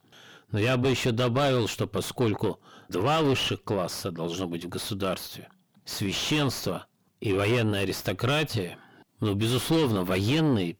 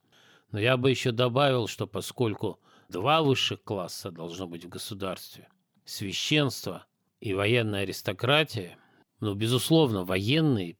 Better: second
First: distortion; heavy; 5 dB below the speech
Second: none

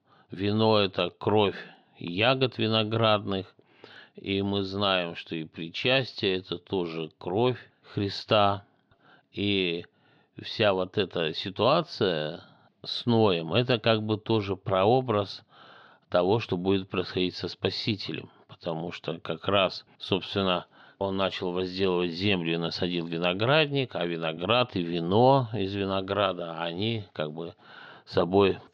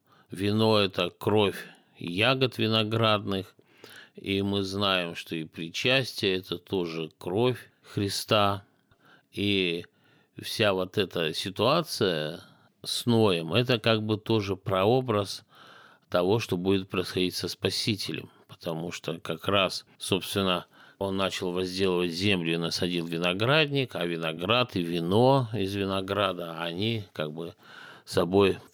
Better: second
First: muffled; very slightly; fading above 4 kHz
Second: none

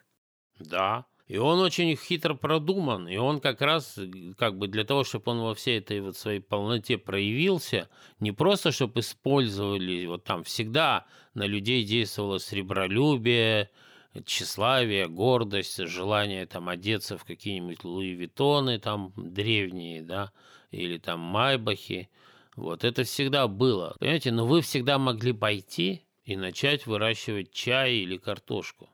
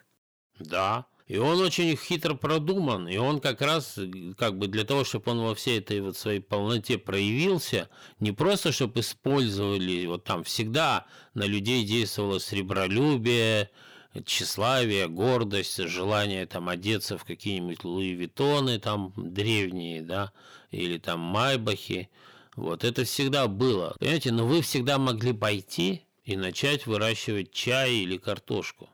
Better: first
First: none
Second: distortion; slight; 10 dB below the speech

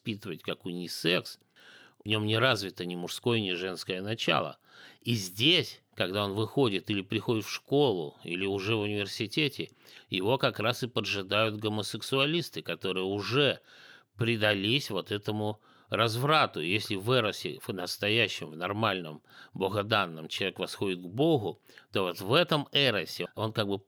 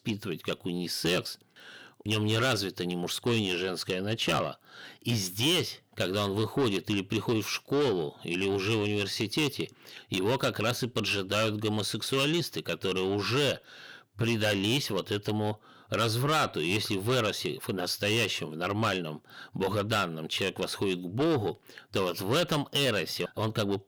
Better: first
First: none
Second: distortion; heavy; 8 dB below the speech

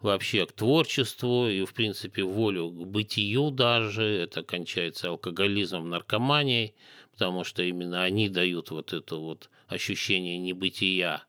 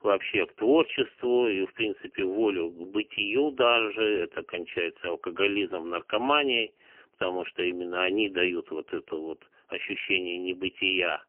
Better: first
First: none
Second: phone-call audio; poor line; nothing above 3 kHz

